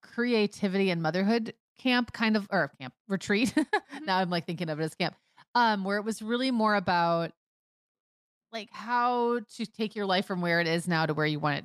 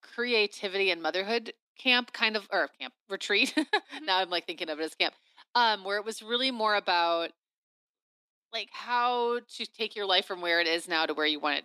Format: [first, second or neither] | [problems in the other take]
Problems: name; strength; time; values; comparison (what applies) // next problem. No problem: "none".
first | thin; somewhat; fading below 300 Hz